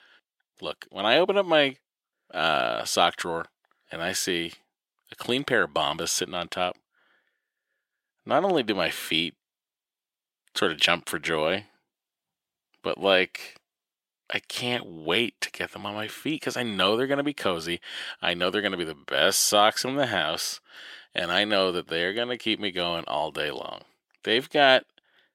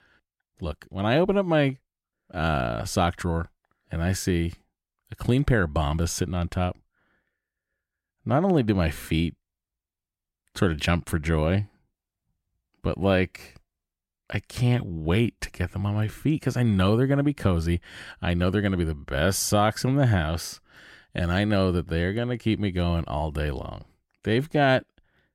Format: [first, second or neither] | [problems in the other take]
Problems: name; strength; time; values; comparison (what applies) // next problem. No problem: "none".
second | thin; somewhat; fading below 400 Hz